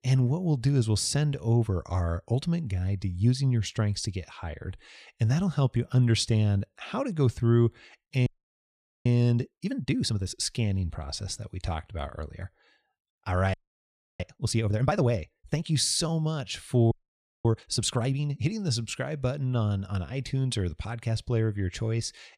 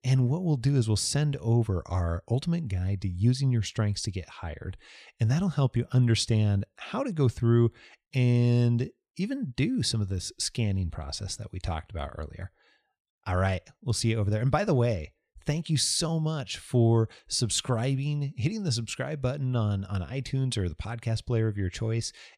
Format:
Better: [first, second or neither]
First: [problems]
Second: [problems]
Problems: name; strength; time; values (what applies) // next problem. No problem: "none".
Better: second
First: audio freezing; at 8.5 s for 1 s, at 14 s for 0.5 s and at 17 s for 0.5 s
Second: none